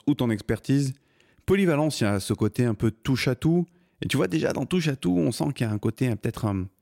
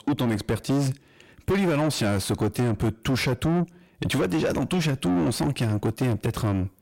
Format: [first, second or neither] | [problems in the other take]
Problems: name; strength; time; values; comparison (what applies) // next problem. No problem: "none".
first | distortion; heavy; 7 dB below the speech